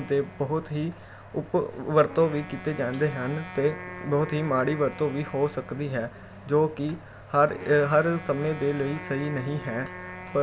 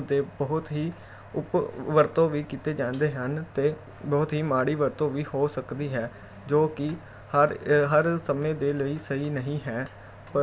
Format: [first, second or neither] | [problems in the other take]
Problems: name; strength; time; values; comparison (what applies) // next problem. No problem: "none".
second | background sound (Wind instrument, woodwind instrument); 16 dB below the speech